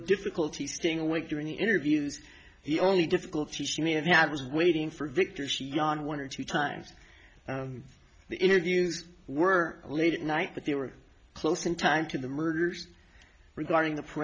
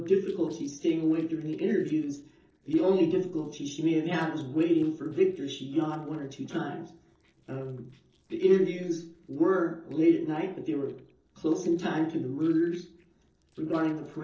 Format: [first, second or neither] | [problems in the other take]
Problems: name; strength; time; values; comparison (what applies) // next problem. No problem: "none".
first | noise reduction (neural separator model SepFormer DNS4)